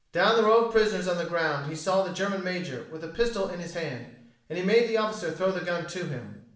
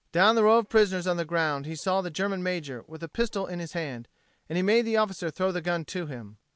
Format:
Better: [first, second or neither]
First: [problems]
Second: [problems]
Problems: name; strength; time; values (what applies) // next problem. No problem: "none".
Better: second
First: room echo; dies away in 0.6 s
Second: none